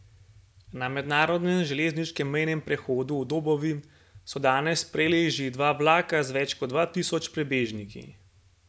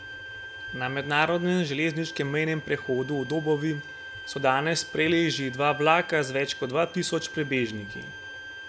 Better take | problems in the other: first | background sound (Bowed string instrument); 13 dB below the speech

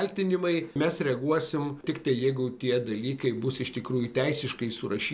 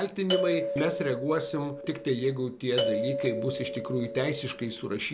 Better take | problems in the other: first | background sound (Doorbell); 3 dB below the speech

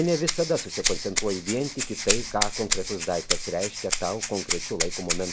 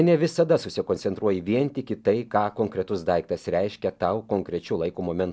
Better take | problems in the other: second | background sound (Rattle (instrument)); as loud as the speech

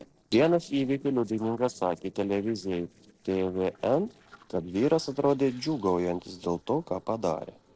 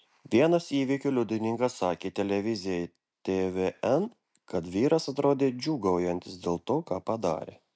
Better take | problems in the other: second | noise reduction (neural separator model SepFormer DNS4)

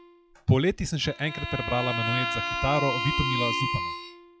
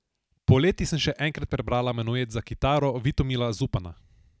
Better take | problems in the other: second | noise reduction (classical method log-MMSE)

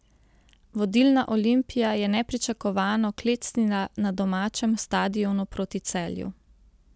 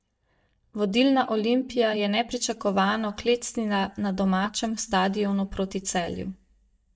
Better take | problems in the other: first | noise reduction (neural mask model DeepFilterNet 3)

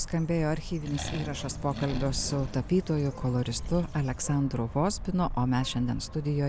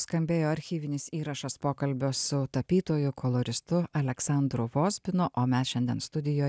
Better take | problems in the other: second | background sound (Bird + Accelerating, revving, vroom); 8 dB below the speech

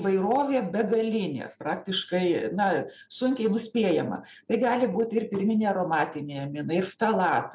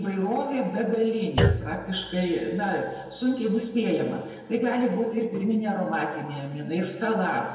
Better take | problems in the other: first | background sound (Thump, thud); 5 dB below the speech // room echo; dies away in 1.3 s

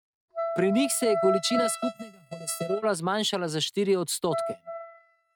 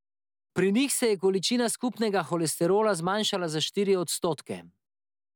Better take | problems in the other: second | noise reduction (neural mask model RNNoise)

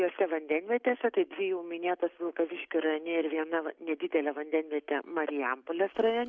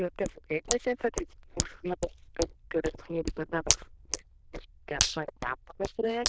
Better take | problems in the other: first | noise reduction (neural diffusion model UNIVERSE++)

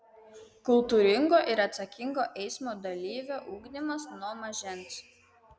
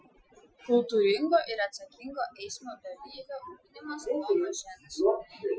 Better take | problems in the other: first | noise reduction (classical method Wiener filter)

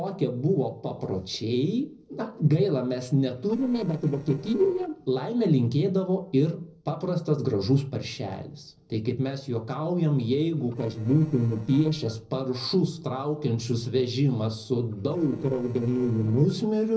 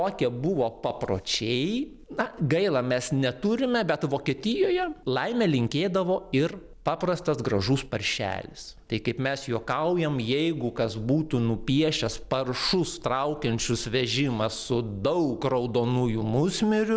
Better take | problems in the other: second | noise reduction (neural separator model SepFormer DNS4)

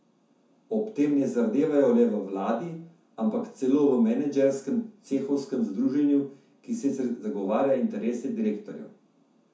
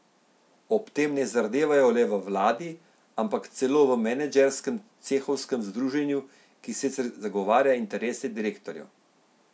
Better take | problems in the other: second | room echo; dies away in 0.6 s

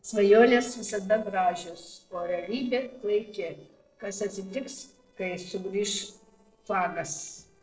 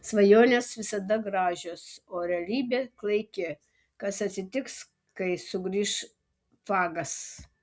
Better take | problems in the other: second | noise reduction (neural separator model SepFormer DNS4)

